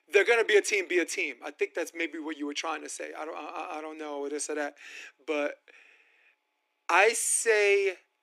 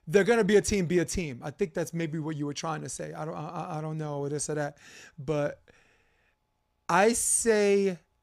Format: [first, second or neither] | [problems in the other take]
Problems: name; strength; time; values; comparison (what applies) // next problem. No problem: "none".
second | thin; somewhat; fading below 300 Hz